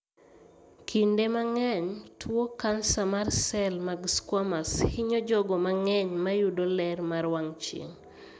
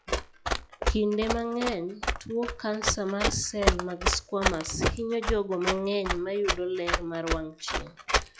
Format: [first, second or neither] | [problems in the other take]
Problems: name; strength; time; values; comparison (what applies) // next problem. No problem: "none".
first | noise reduction (classical method log-MMSE)